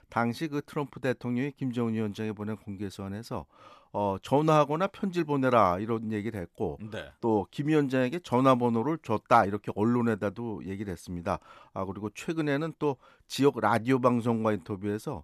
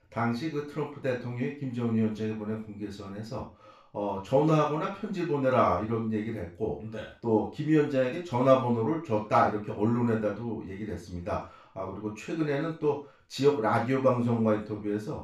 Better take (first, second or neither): first